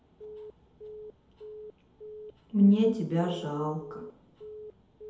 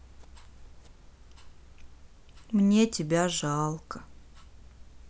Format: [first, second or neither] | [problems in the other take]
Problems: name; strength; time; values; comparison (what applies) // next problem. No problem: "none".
second | background sound (Telephone); 16 dB below the speech // room echo; dies away in 0.8 s